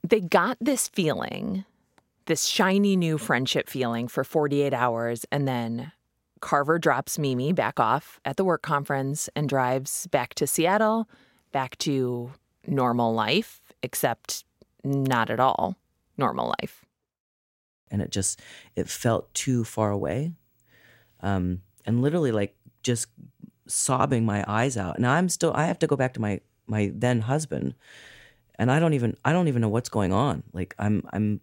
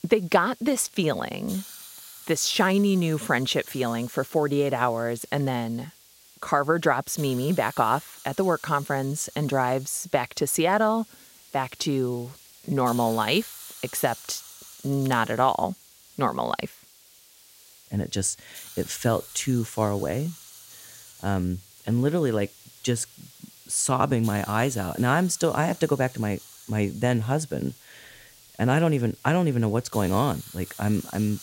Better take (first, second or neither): first